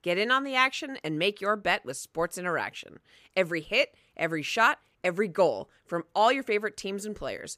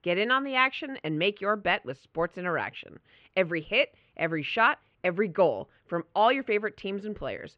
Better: first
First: none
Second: muffled; slightly; fading above 3 kHz

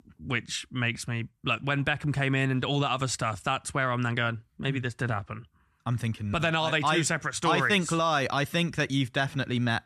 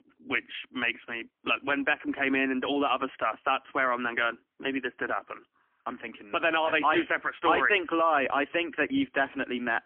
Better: first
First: none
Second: phone-call audio; poor line; nothing above 3.5 kHz

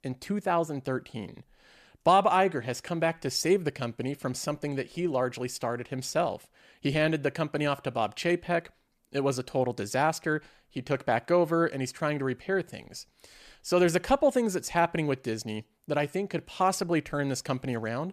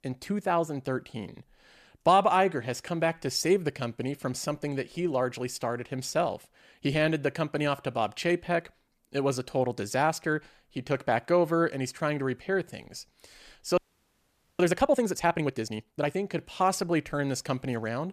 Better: first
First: none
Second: audio freezing; at 14 s for 1 s

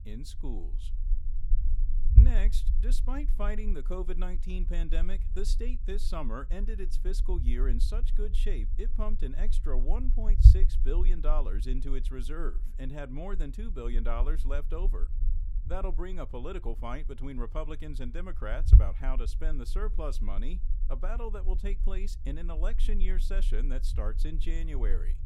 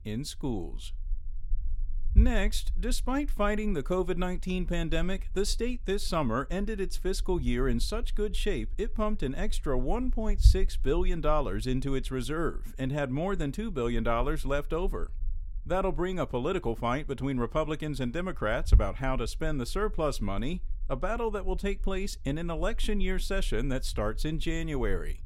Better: second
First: low rumble; loud; throughout; 9 dB below the speech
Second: low rumble; faint; throughout; 25 dB below the speech

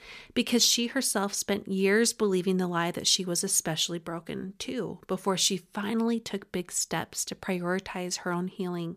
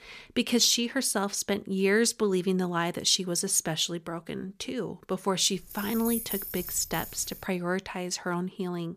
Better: first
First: none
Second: jangling keys; noticeable; from 5.5 to 7.5 s; peak 4 dB below the speech

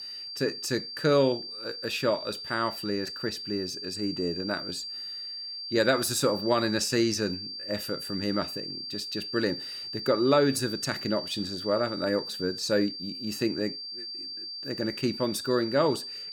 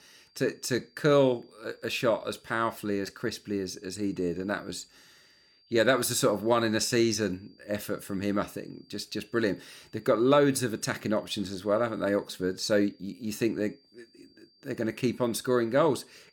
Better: second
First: high-pitched whine; loud; throughout; 4.5 kHz, 6 dB below the speech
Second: high-pitched whine; faint; throughout; 4.5 kHz, 35 dB below the speech

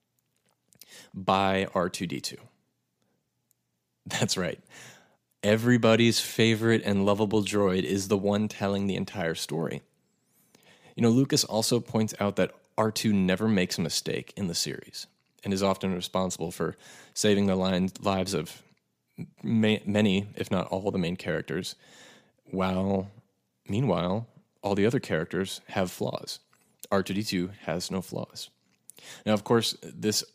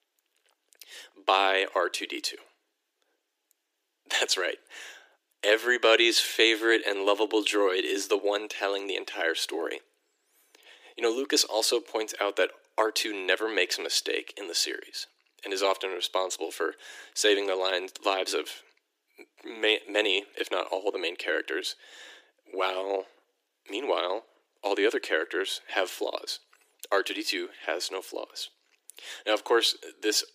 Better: first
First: none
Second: thin; very; fading below 300 Hz

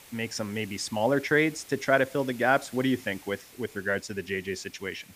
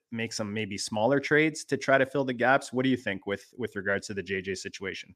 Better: second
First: hiss; faint; throughout; 20 dB below the speech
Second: none

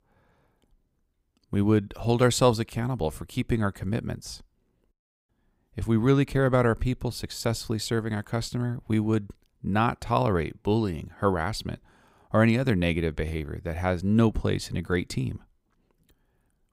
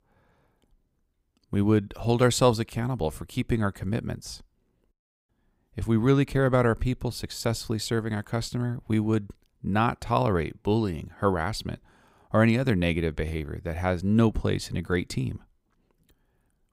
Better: neither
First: none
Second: none

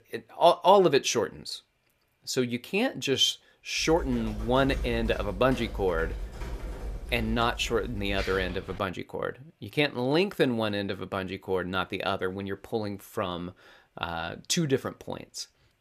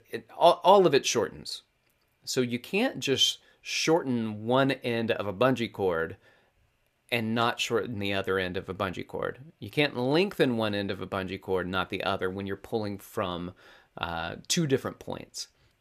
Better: second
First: keyboard typing; noticeable; from 4 to 9 s; peak 8 dB below the speech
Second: none

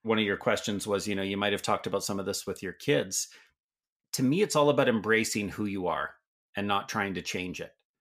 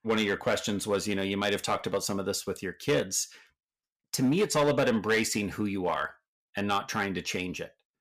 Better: first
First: none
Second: distortion; slight; 3% of the sound clipped

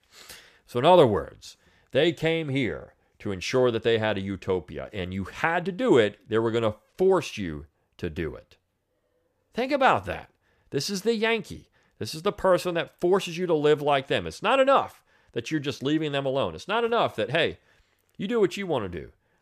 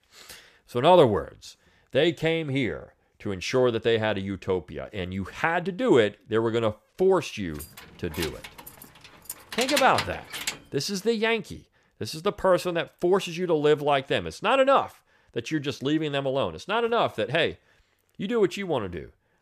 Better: first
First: none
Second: jangling keys; noticeable; from 7.5 to 11 s; peak 1 dB below the speech

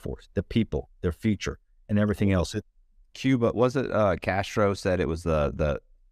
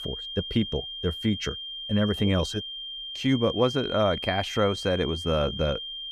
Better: first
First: none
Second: high-pitched whine; loud; throughout; 3 kHz, 6 dB below the speech

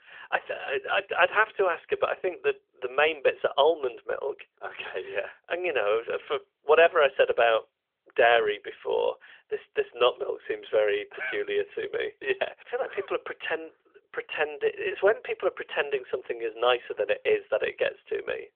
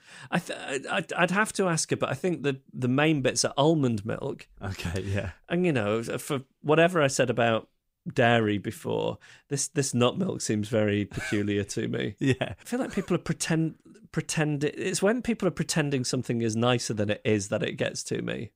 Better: second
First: phone-call audio; nothing above 3.5 kHz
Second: none

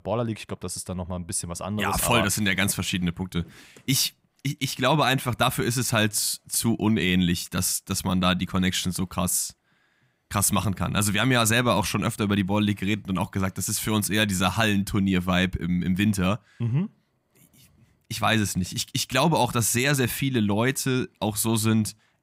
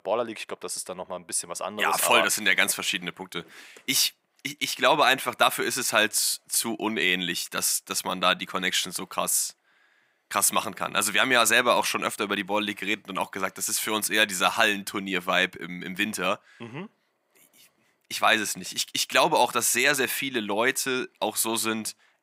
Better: first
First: none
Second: thin; somewhat; fading below 450 Hz

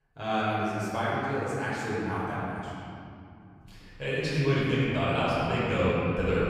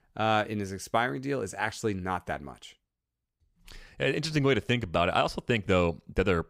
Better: second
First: room echo; strong; dies away in 2.7 s // off-mic speech; far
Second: none

